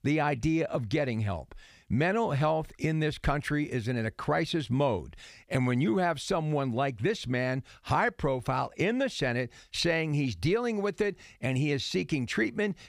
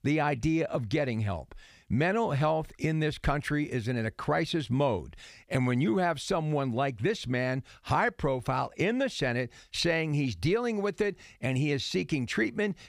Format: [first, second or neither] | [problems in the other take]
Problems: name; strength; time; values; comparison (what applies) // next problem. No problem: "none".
neither | none